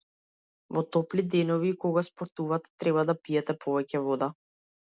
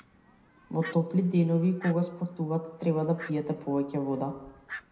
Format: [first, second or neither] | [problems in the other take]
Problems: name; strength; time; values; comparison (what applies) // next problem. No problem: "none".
first | background sound (Fowl); 19 dB below the speech // room echo; dies away in 0.8 s